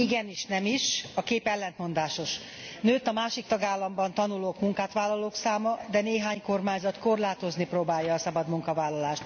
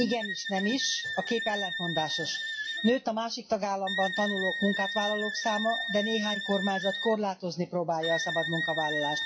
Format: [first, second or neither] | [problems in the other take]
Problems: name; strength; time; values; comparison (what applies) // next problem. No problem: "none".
first | noise reduction (classical method WPE with log-MMSE)